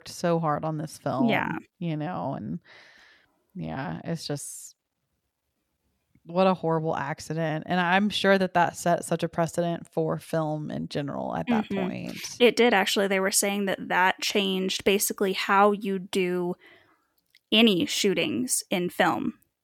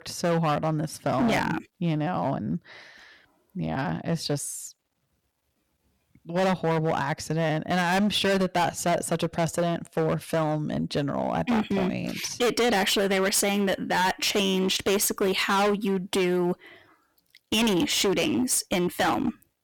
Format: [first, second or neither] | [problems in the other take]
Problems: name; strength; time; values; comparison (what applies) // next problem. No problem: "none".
first | distortion; heavy; 14% of the sound clipped